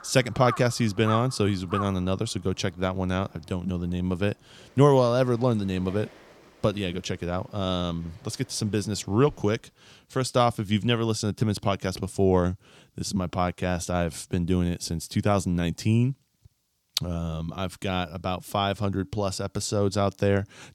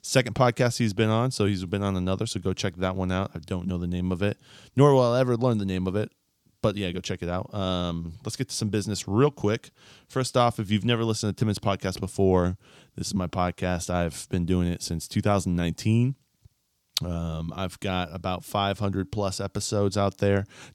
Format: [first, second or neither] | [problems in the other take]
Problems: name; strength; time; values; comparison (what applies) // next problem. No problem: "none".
second | animal sounds; noticeable; until 9.5 s; 10 dB below the speech